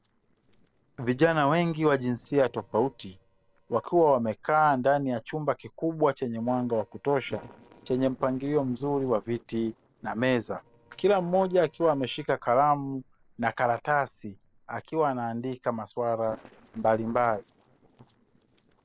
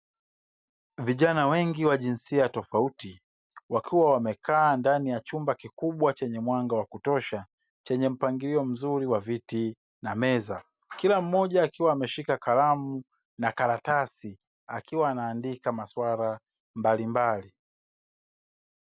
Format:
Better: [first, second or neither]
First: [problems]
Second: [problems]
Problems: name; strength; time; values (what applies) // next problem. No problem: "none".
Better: second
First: noise reduction (neural separator model SepFormer DNS4)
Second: none